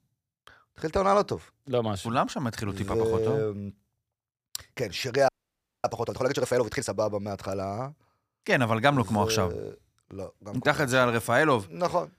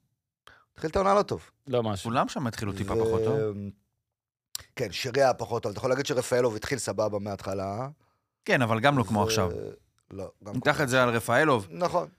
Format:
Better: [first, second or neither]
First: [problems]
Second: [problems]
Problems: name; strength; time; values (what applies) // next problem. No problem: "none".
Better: second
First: audio freezing; at 5.5 s for 0.5 s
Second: none